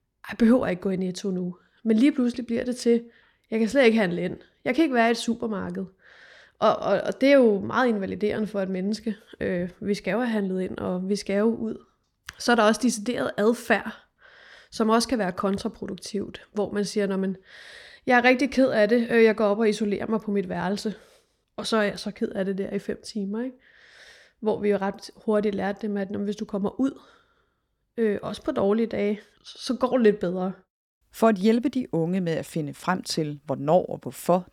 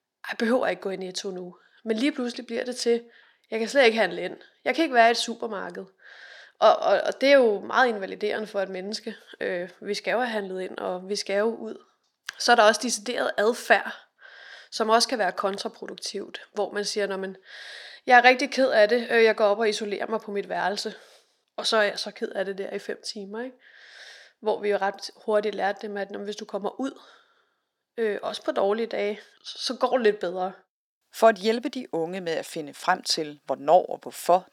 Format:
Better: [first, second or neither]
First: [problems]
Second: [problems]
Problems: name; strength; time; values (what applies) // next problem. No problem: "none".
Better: first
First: none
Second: thin; somewhat; fading below 350 Hz